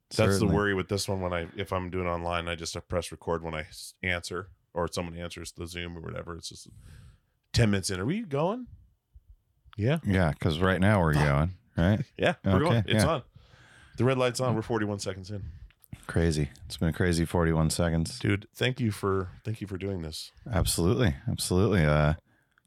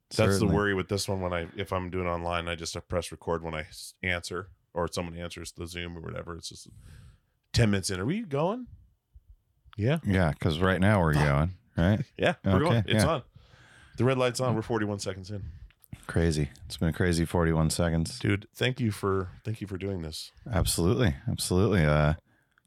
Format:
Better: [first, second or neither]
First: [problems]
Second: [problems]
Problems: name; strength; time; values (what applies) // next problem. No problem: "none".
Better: neither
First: none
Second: none